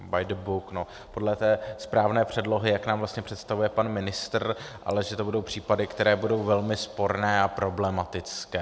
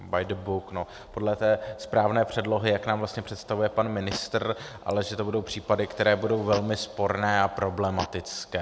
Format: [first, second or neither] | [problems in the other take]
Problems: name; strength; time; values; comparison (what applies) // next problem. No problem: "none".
first | background sound (Fart); 17 dB below the speech